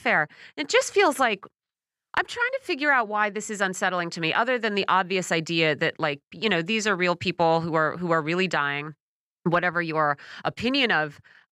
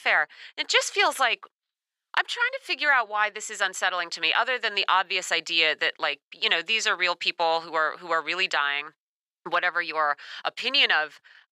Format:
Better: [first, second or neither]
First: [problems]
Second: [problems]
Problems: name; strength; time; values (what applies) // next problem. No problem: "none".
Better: first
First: none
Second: thin; very; fading below 650 Hz